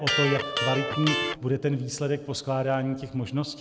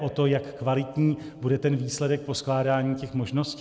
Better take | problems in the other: second | background sound (Electric guitar); 2 dB below the speech

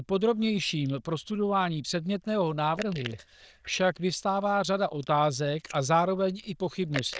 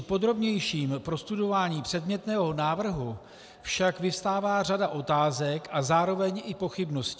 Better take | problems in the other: second | noise reduction (neural diffusion model UNIVERSE++)

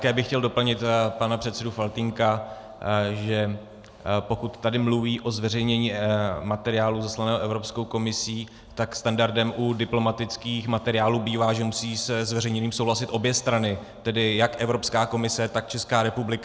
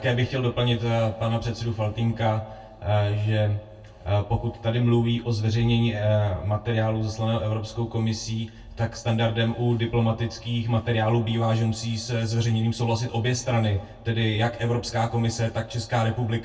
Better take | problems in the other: first | room echo; dies away in 0.1 s

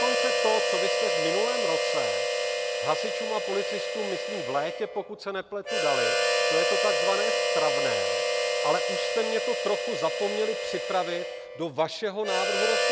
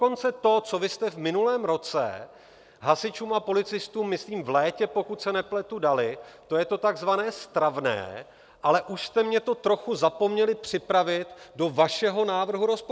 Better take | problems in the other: second | background sound (Harmonica); 4 dB above the speech

